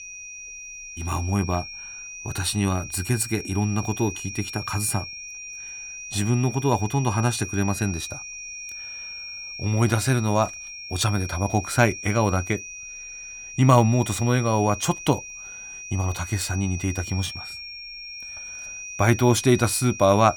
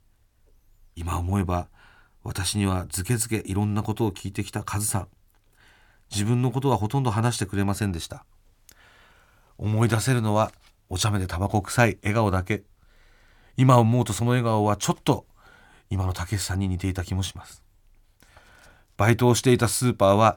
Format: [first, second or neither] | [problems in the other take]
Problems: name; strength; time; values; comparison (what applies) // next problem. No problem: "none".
second | high-pitched whine; noticeable; throughout; 2.5 kHz, 10 dB below the speech